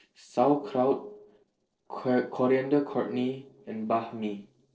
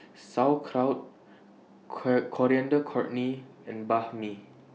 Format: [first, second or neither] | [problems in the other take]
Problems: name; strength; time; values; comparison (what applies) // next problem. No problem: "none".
second | noise reduction (neural separator model SepFormer DNS4)